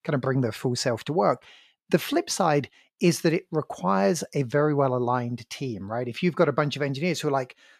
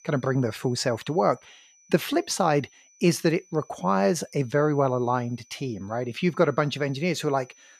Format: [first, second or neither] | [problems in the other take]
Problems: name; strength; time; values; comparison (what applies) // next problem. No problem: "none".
first | high-pitched whine; faint; throughout; 6 kHz, 30 dB below the speech